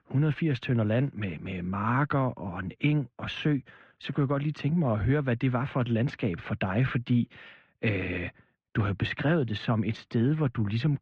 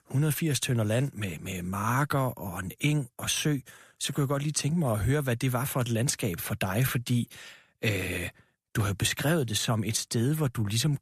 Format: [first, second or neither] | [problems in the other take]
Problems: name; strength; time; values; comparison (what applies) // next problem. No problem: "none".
second | muffled; very; fading above 3 kHz